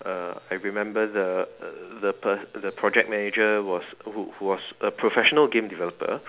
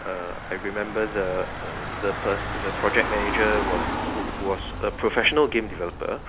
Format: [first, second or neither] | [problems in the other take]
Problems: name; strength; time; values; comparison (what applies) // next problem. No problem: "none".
first | background sound (Engine / Car); 4 dB below the speech